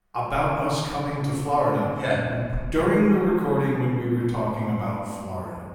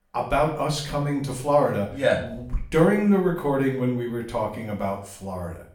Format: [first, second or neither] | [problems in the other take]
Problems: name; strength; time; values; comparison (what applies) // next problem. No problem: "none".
second | room echo; strong; dies away in 1.8 s; slight in the second // off-mic speech; far; far in the second